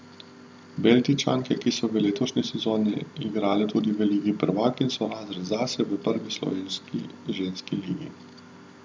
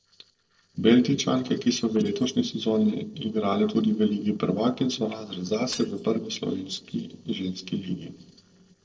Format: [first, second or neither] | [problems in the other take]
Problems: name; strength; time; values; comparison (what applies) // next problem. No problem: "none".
first | noise reduction (neural separator model SepFormer DNS4)